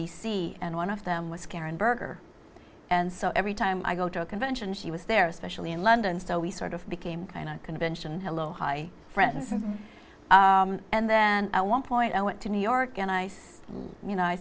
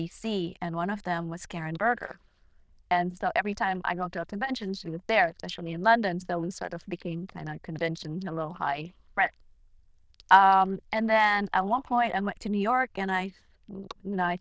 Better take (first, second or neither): first